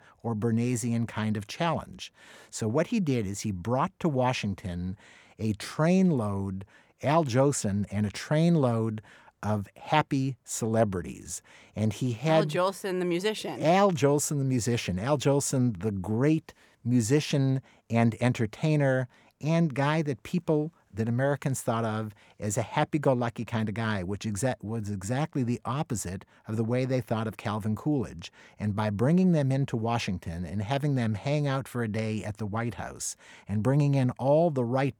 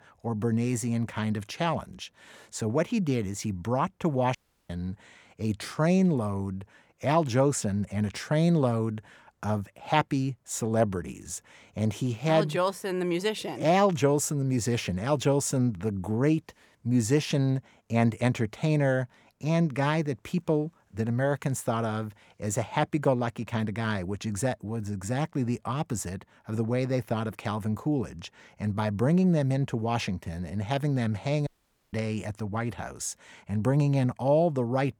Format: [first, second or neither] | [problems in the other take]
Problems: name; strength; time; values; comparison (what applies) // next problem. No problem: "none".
first | audio cutting out; at 4.5 s and at 31 s